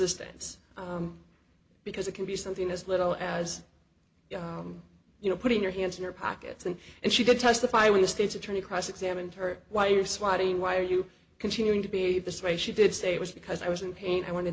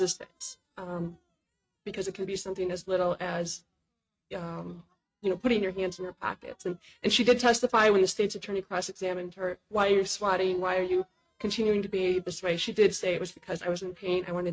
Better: first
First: none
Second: noise reduction (neural mask model RNNoise)

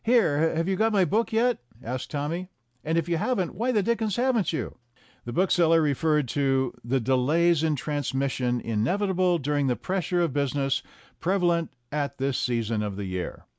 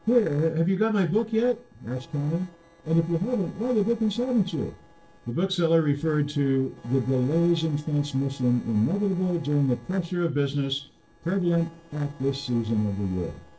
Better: first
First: none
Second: noise reduction (neural separator model SepFormer DNS4)

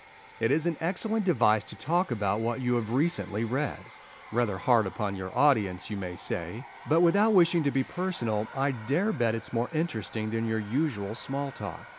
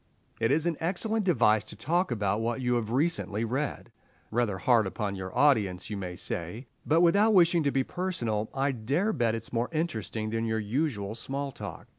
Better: second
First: background sound (Domestic sounds, home sounds); 20 dB below the speech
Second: none

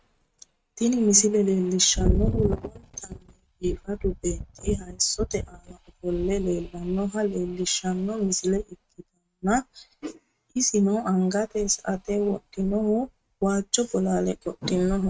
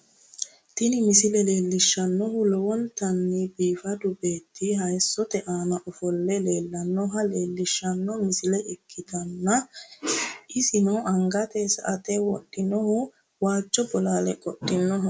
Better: second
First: noise reduction (neural mask model RNNoise)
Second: none

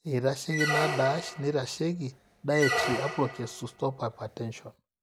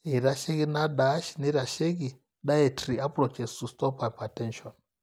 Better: second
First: background sound (Squeak); 4 dB below the speech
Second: none

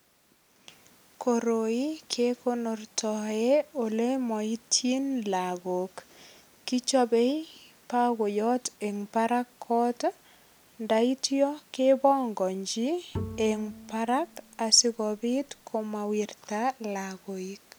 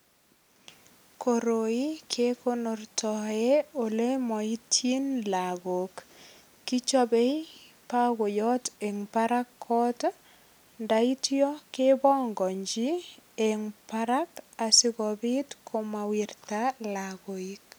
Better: second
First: background sound (Bowed string instrument); 13 dB below the speech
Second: none

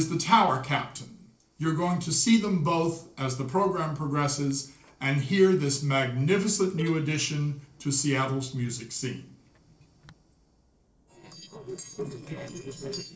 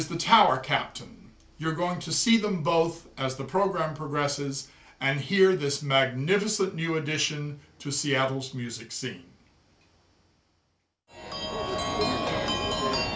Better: second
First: noise reduction (neural separator model SepFormer DNS4)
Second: none

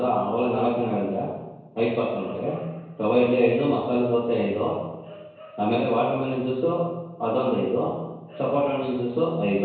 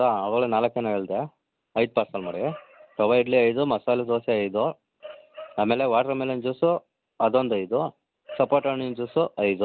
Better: second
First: room echo; dies away in 1 s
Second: none

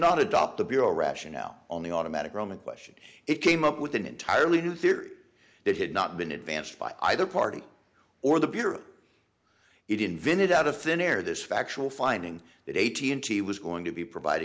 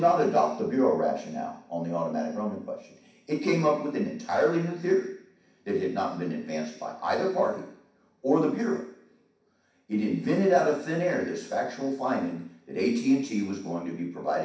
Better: first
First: none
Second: room echo; dies away in 0.6 s

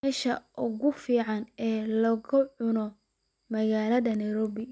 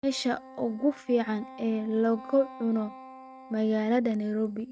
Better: first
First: none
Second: noise reduction (neural mask model RNNoise)

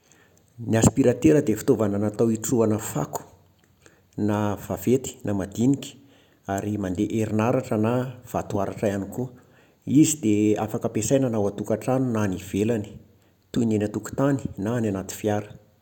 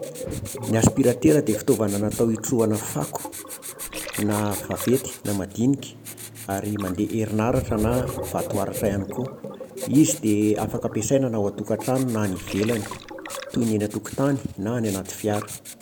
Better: first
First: none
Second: background sound (Writing + Gurgling); 11 dB below the speech

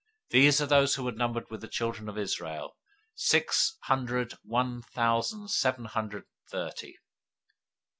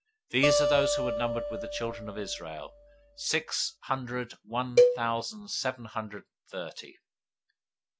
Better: first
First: none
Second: background sound (Cowbell + Acoustic guitar); 3 dB above the speech

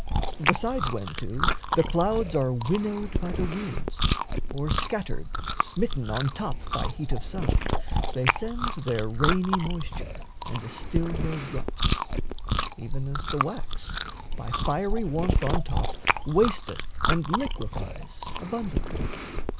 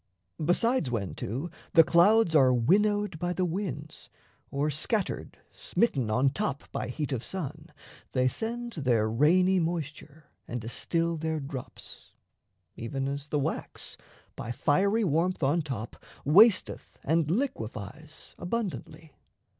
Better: second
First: background sound (Chewing, mastication); 3 dB above the speech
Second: none

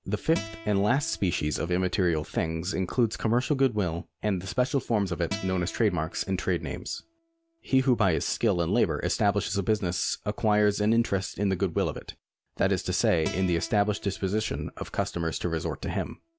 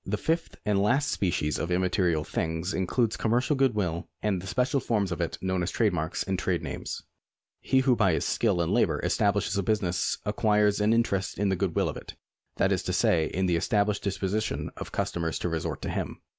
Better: second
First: background sound (Acoustic guitar); 17 dB below the speech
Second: none

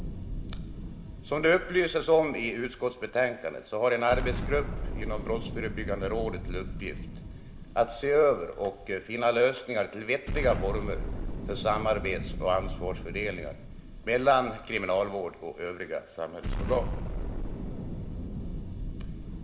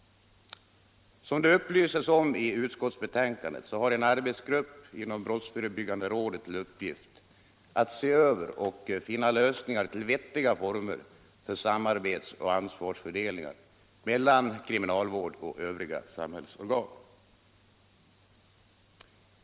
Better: second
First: background sound (Explosion); 6 dB below the speech // room echo; dies away in 0.6 s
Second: none

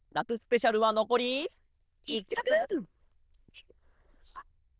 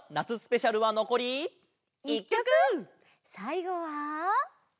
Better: second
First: noise reduction (neural diffusion model UNIVERSE++)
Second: none

